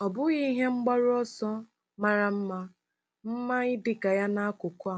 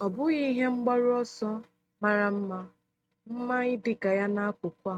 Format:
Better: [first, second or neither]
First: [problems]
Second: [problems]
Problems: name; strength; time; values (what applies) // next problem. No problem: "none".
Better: first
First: none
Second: noise reduction (neural mask model RNNoise)